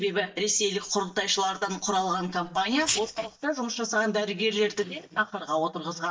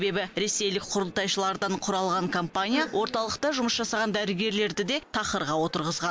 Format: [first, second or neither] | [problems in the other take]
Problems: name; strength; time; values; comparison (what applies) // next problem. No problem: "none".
second | noise reduction (neural mask model DeepFilterNet 3)